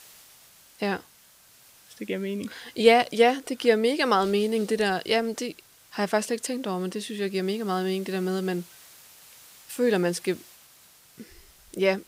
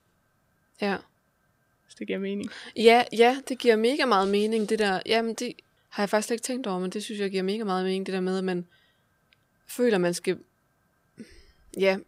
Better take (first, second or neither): second